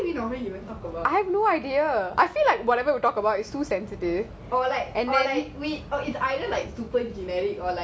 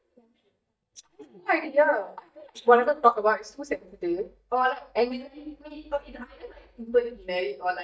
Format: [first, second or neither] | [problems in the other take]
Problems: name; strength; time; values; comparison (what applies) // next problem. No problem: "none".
first | noise reduction (neural mask model DeepFilterNet 3)